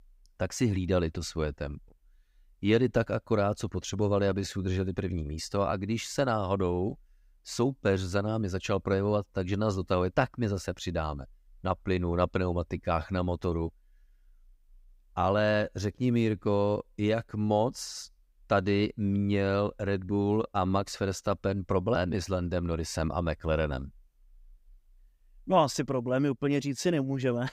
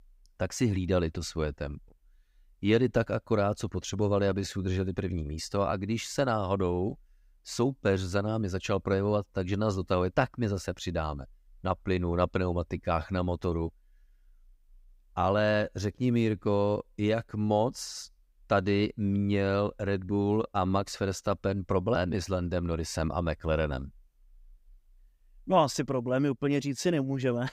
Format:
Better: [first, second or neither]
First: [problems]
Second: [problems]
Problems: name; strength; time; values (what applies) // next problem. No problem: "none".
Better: neither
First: none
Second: none